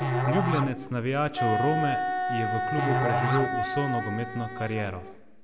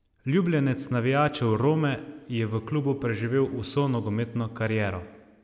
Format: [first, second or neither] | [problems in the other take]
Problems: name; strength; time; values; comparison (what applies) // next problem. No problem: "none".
second | background sound (Wind instrument, woodwind instrument + Musical instrument); 1 dB above the speech